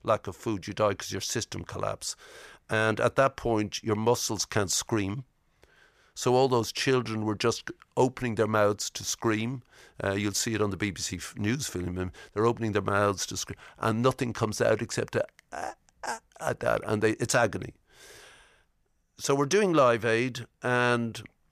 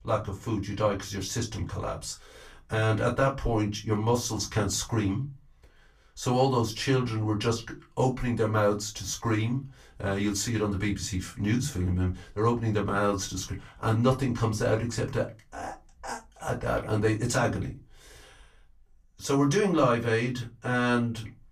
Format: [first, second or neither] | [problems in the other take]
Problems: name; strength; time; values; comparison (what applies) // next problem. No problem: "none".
first | off-mic speech; far // room echo; very slight; dies away in 0.2 s